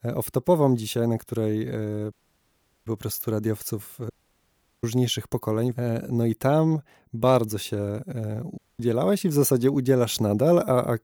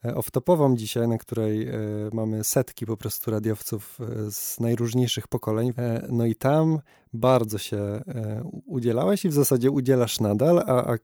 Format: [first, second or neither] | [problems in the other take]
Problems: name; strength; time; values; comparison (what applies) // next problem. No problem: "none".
second | audio cutting out; at 2 s for 0.5 s, at 4 s for 0.5 s and at 8.5 s